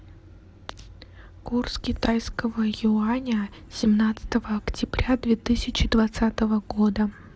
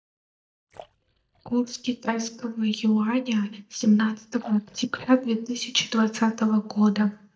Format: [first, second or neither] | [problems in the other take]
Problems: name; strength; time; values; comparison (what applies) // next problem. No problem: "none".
first | noise reduction (neural mask model DeepFilterNet 3)